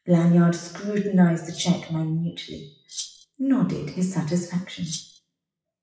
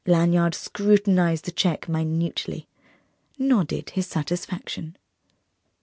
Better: second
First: noise reduction (classical method WPE with log-MMSE)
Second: none

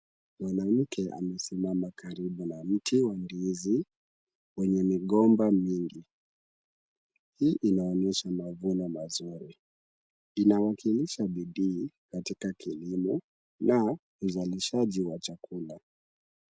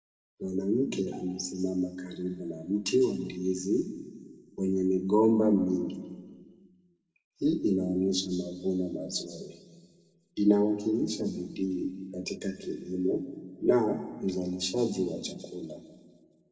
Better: first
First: none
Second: room echo; dies away in 1.3 s

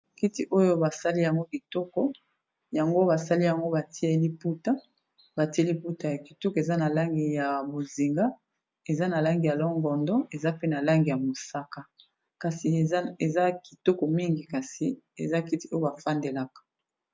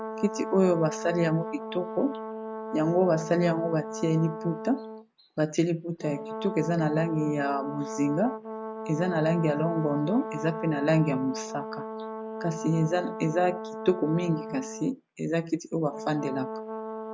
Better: first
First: none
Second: background sound (Brass instrument); 9 dB below the speech

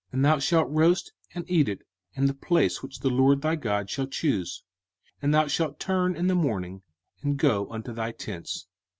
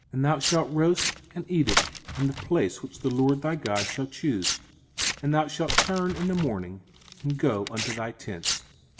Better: first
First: none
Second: background sound (Tearing); 5 dB below the speech // room echo; dies away in 1.4 s

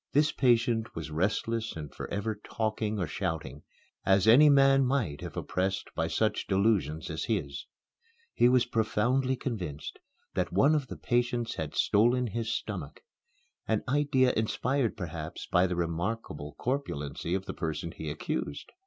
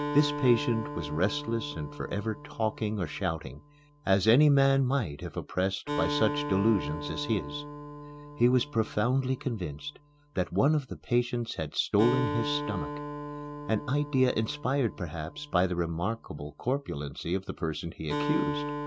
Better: first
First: none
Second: background sound (Acoustic guitar); 9 dB below the speech

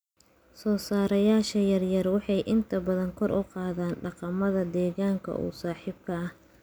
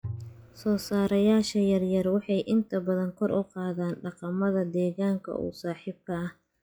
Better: first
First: none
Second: noise reduction (classical method log-MMSE)

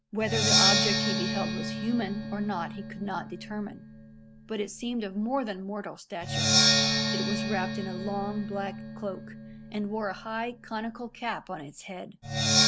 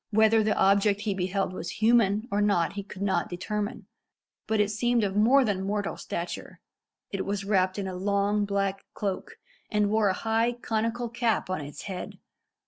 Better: second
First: background sound (Percussion); 4 dB above the speech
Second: none

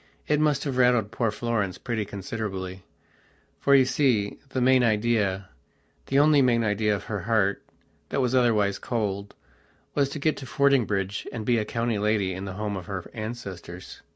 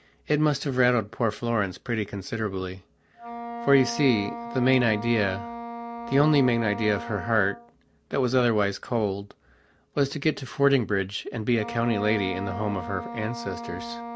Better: first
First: none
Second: background sound (Wind instrument, woodwind instrument); 12 dB below the speech

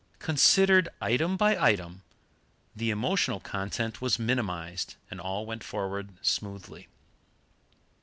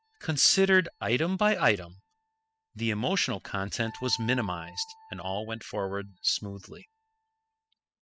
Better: first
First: none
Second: noise reduction (classical method spectral subtraction)

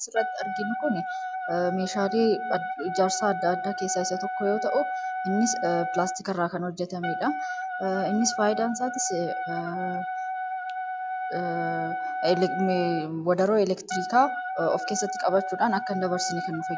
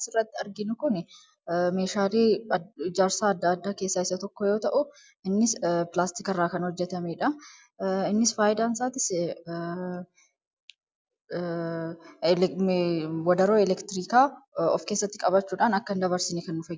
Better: second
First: background sound (Wind instrument, woodwind instrument); 4 dB below the speech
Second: none

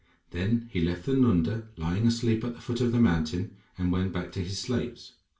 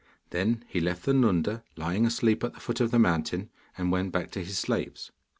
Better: second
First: room echo; dies away in 0.3 s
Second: none

